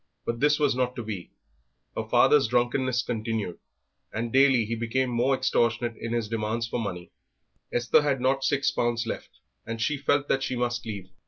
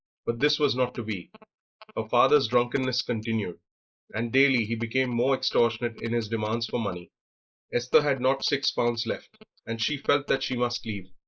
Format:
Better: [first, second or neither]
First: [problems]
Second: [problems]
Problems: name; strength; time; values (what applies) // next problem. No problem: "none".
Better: first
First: none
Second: noise reduction (neural mask model Resemble Enhance denoiser)